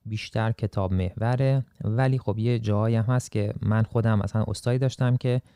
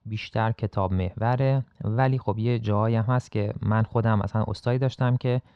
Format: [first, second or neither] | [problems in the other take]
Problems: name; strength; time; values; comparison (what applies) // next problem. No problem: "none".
first | muffled; very slightly; fading above 3.5 kHz